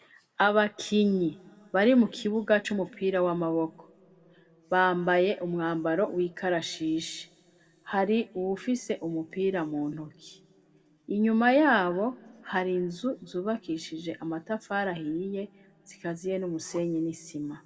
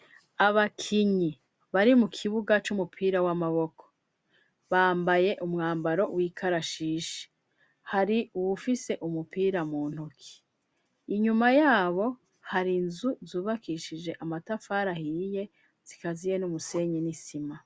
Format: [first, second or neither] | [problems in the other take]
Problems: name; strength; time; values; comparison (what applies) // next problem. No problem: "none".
second | room echo; dies away in 1.7 s